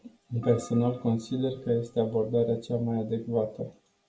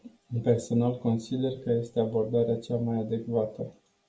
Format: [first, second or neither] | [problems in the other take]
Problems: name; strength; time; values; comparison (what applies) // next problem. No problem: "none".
second | background sound (Keyboard (musical)); 20 dB below the speech